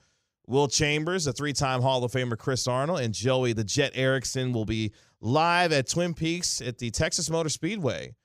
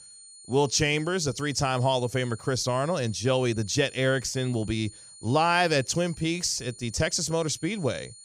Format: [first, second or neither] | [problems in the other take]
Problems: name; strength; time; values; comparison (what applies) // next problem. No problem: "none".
first | high-pitched whine; noticeable; throughout; 9 kHz, 20 dB below the speech